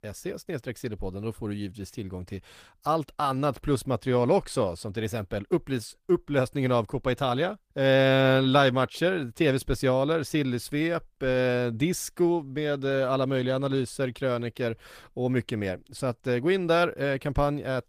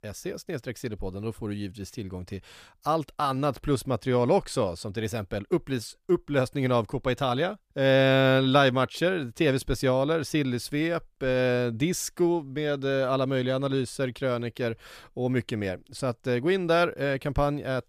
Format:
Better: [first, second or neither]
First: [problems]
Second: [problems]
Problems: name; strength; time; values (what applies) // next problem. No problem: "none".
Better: second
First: garbled, watery; slightly; nothing above 15 kHz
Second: none